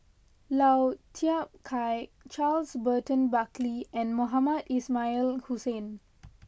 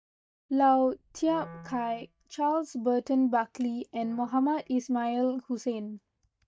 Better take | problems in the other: first | noise reduction (neural mask model DeepFilterNet 3)

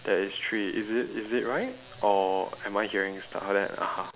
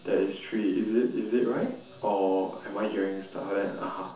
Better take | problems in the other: first | room echo; dies away in 0.9 s

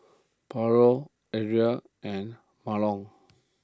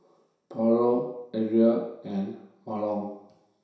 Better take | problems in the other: first | room echo; dies away in 0.7 s

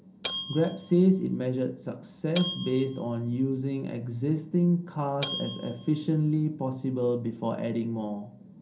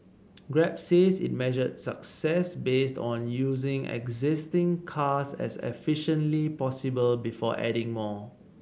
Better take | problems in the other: second | background sound (Bell); 11 dB below the speech // room echo; dies away in 0.3 s

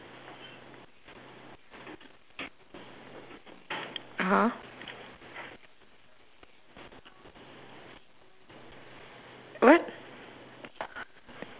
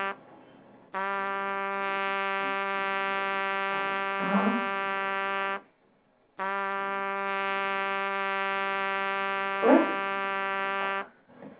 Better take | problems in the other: first | background sound (Trumpet); 5 dB above the speech // room echo; dies away in 0.7 s

